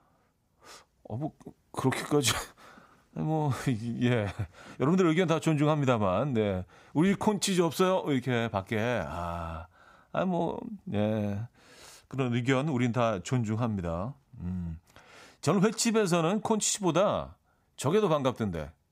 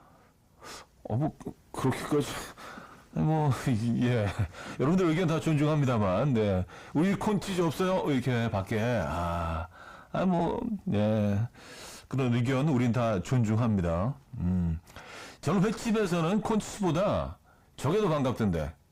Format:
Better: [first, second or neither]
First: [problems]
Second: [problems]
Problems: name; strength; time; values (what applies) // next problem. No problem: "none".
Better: first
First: none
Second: distortion; heavy; 5 dB below the speech